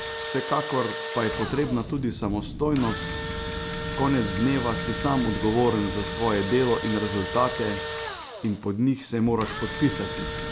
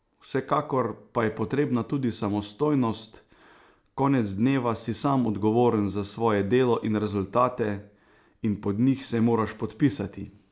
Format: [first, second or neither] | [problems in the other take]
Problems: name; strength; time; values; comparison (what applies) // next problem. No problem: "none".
second | background sound (Wind + Engine / Drill); 6 dB below the speech